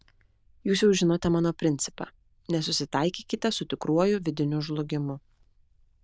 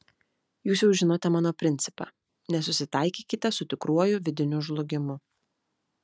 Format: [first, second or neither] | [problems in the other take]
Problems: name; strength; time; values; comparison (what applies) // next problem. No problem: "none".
second | noise reduction (neural diffusion model UNIVERSE++)